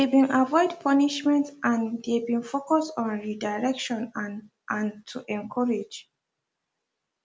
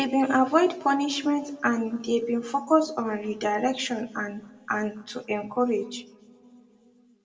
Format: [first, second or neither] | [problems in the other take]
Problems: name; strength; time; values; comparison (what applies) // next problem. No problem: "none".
first | room echo; dies away in 1.2 s